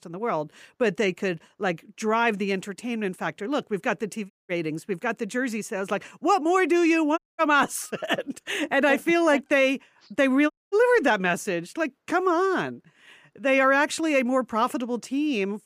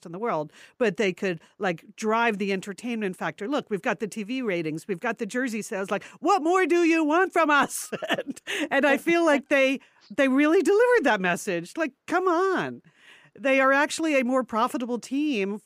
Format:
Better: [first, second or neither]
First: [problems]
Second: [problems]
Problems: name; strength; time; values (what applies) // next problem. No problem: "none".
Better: second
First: audio cutting out; at 4.5 s, at 7 s and at 11 s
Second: none